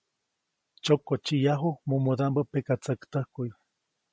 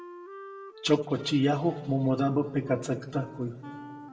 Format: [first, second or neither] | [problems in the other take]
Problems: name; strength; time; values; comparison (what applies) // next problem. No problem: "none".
first | background sound (Wind instrument, woodwind instrument); 17 dB below the speech // room echo; dies away in 2 s